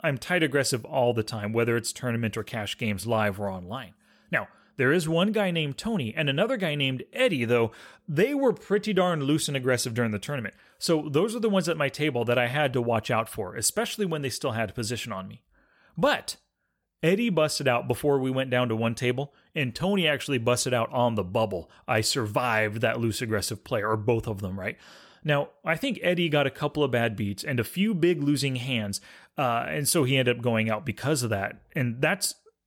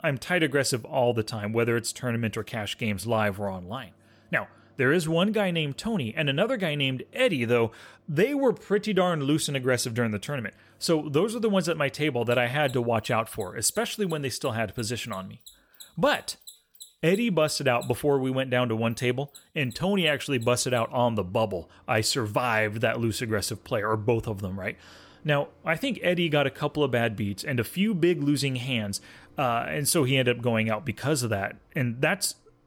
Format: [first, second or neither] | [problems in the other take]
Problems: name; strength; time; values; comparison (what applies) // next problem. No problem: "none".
first | machinery noise; faint; throughout; 30 dB below the speech